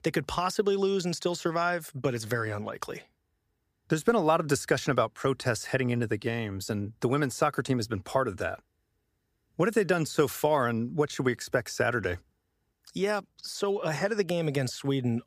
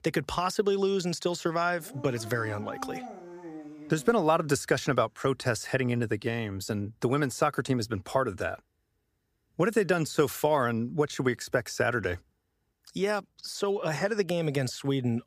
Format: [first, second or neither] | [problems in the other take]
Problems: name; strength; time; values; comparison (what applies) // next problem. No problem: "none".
first | dog barking; faint; from 2 to 4 s; peak 10 dB below the speech